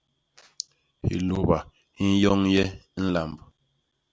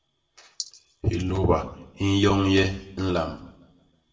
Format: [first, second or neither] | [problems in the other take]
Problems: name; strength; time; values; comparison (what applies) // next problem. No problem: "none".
first | room echo; dies away in 0.7 s